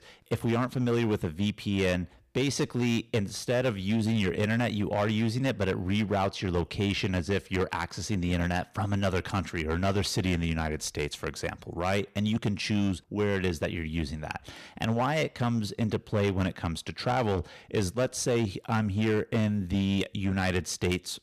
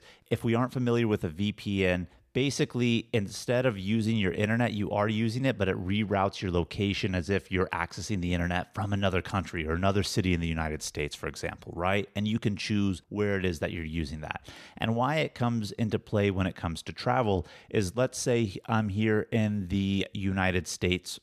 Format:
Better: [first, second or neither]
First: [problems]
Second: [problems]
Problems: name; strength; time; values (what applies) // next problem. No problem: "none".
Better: second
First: distortion; slight; 7% of the sound clipped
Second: none